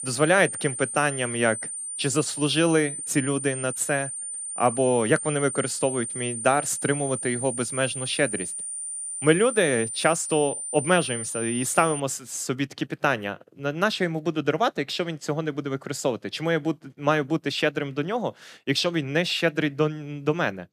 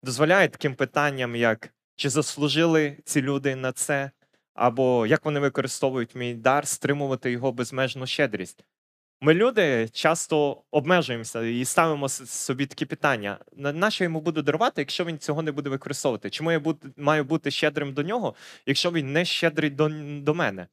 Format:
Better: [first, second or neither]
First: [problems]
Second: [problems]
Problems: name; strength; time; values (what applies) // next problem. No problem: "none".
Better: second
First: high-pitched whine; loud; until 12 s; 9 kHz, 5 dB below the speech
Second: none